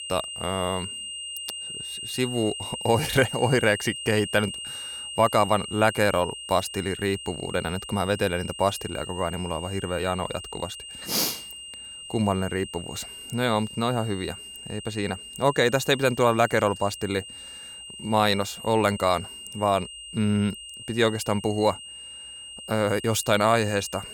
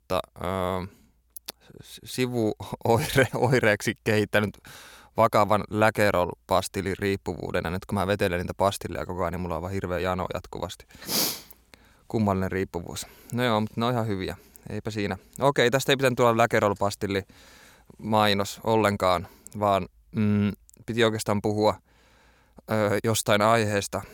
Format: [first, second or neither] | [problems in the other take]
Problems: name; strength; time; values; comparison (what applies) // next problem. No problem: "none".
second | high-pitched whine; noticeable; throughout; 3 kHz, 10 dB below the speech